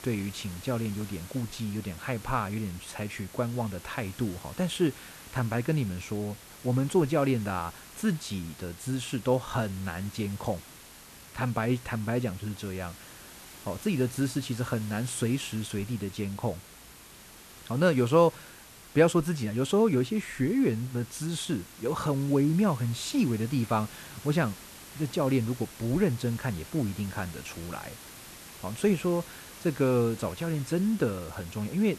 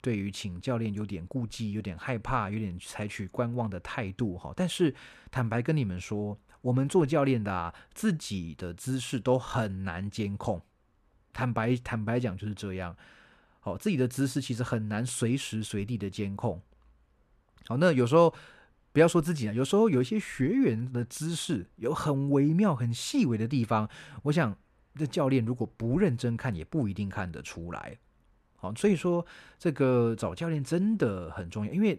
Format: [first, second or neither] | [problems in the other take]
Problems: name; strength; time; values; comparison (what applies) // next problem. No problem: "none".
second | hiss; noticeable; throughout; 15 dB below the speech